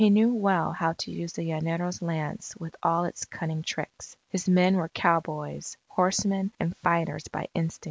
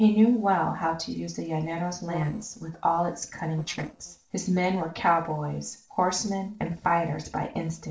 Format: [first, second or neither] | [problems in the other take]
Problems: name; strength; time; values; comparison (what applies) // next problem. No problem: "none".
first | noise reduction (neural separator model SepFormer DNS4)